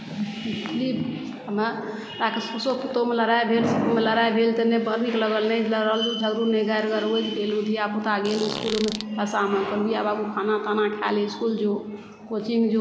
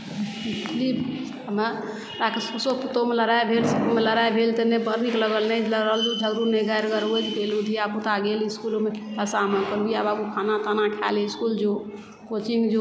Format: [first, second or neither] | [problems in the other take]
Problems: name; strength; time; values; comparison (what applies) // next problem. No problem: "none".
second | background sound (Fart); 10 dB below the speech // room echo; dies away in 2.9 s